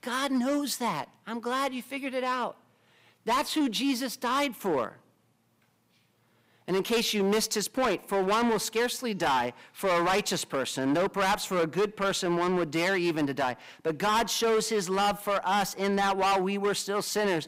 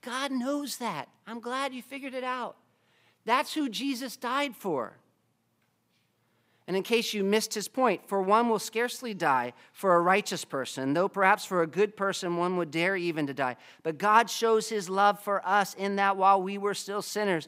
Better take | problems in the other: second | distortion; heavy; 12% of the sound clipped

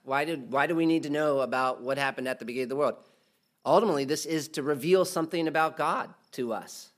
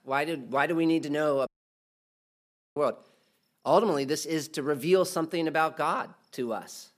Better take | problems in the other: first | audio cutting out; at 1.5 s for 1.5 s

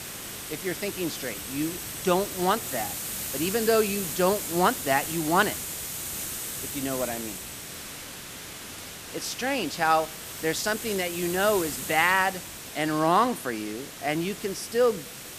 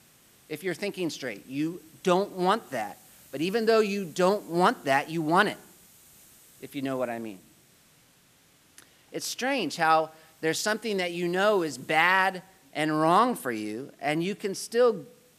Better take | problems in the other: second | hiss; loud; throughout; 7 dB below the speech; faint in the second

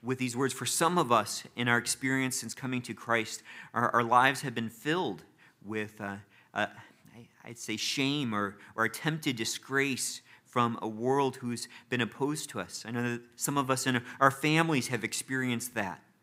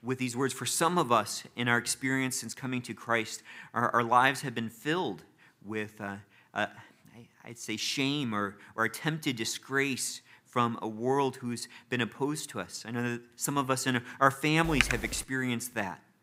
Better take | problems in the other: first | keyboard typing; loud; at 15 s; peak 2 dB above the speech

